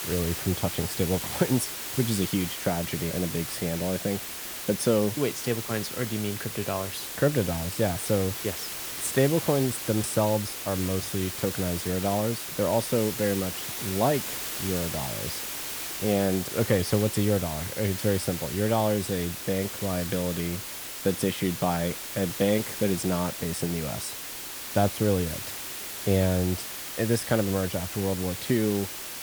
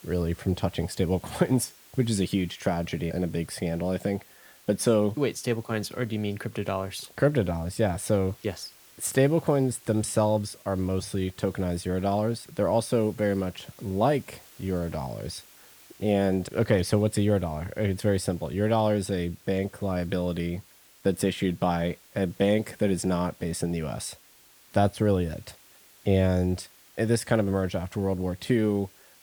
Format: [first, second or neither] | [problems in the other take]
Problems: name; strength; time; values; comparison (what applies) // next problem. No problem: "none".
second | hiss; loud; throughout; 5 dB below the speech; faint in the second